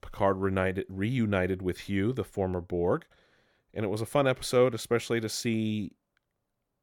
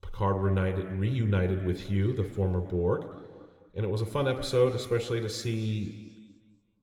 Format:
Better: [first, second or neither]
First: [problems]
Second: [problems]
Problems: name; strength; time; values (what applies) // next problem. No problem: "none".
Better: first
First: none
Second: room echo; slight; dies away in 1.7 s